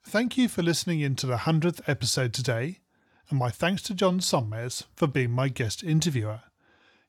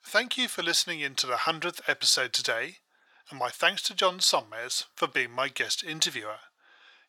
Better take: first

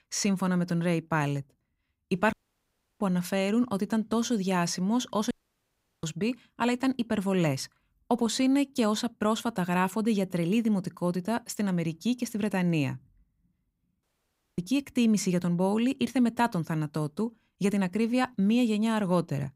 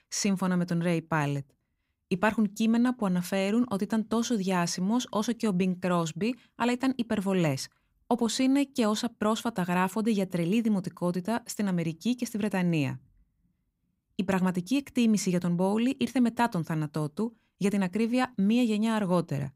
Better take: second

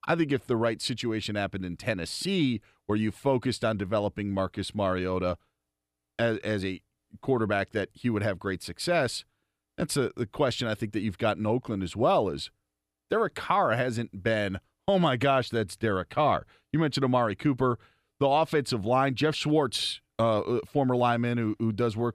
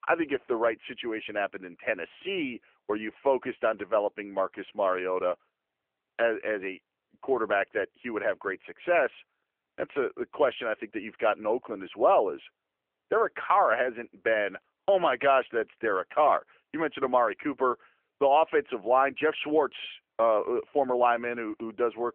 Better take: first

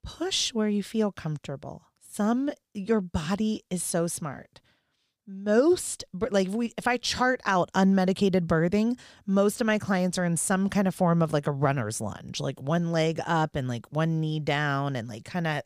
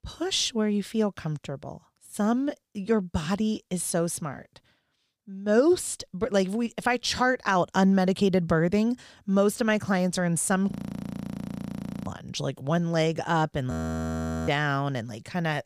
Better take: first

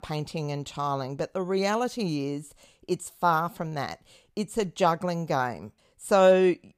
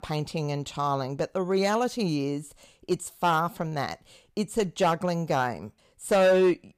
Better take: first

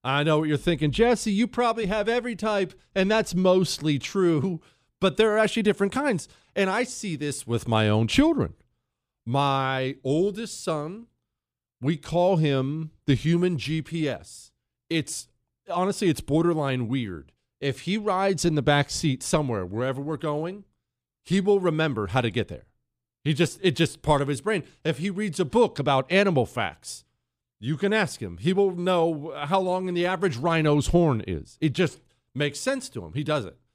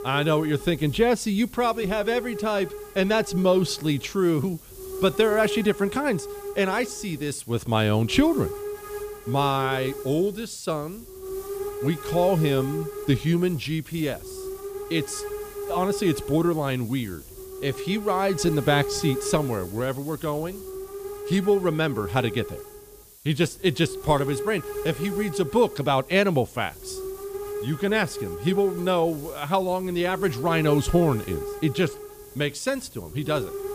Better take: first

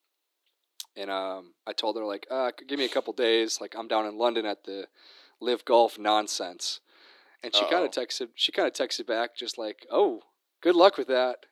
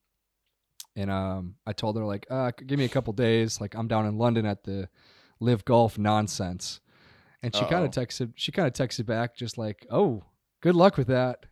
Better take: second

